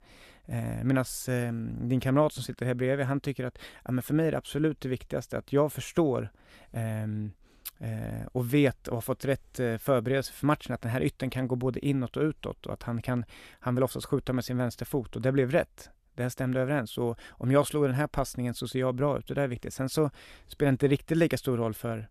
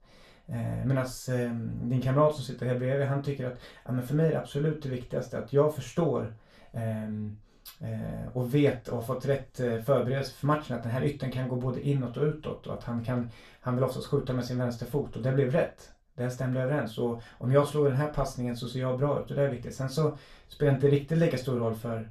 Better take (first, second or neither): first